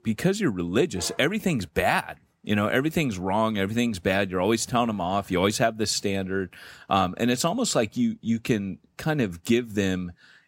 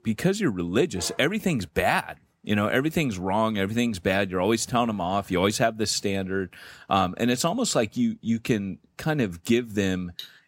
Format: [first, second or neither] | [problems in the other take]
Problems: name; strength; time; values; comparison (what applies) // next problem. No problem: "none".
first | clattering dishes; faint; at 10 s; peak 15 dB below the speech